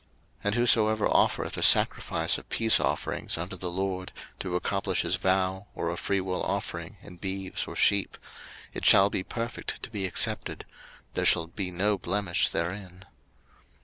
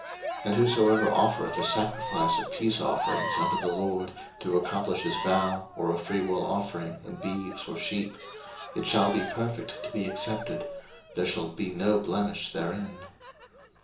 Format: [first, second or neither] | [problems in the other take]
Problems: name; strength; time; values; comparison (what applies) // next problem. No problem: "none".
first | background sound (Cheering); 7 dB below the speech // room echo; dies away in 0.6 s